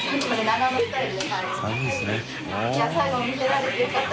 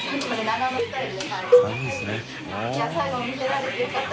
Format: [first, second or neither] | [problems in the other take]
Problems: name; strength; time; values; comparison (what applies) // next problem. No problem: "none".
first | background sound (Cowbell); 3 dB above the speech